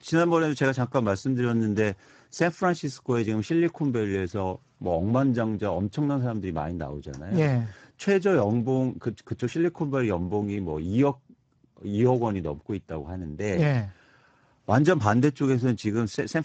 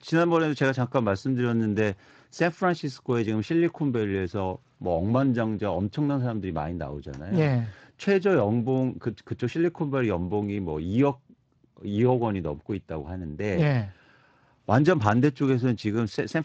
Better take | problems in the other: second | garbled, watery; badly; nothing above 7.5 kHz; slightly in the second

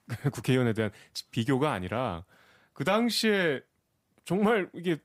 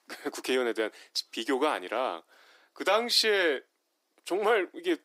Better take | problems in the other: first | thin; somewhat; fading below 300 Hz

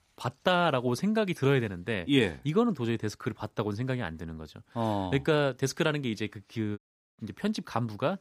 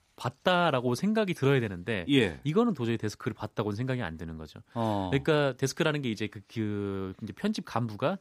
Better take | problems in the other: second | audio cutting out; at 7 s

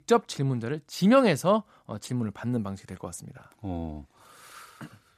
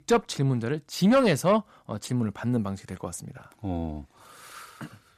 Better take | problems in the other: first | distortion; slight; 10 dB below the speech

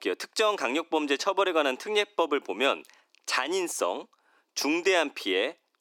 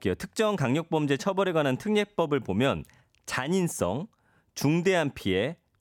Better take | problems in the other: second | thin; somewhat; fading below 300 Hz

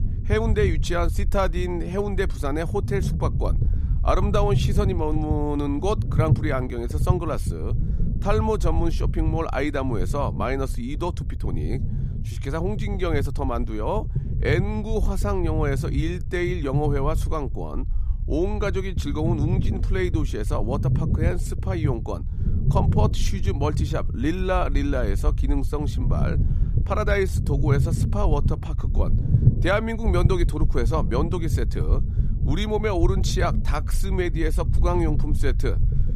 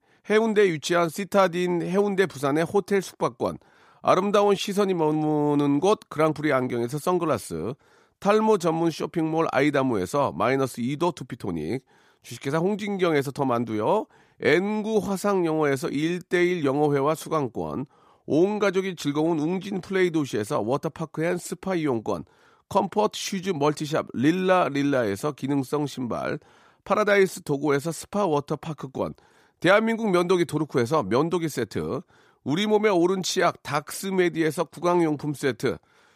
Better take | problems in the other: second | low rumble; noticeable; throughout; 10 dB below the speech

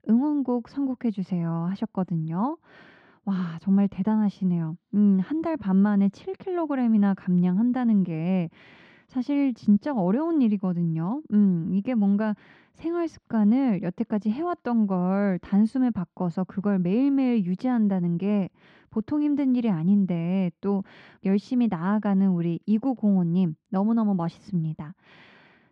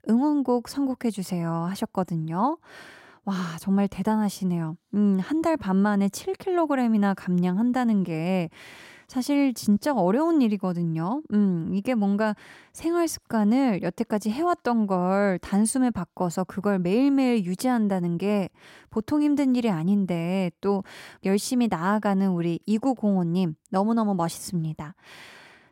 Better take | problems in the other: second | muffled; slightly; fading above 4 kHz

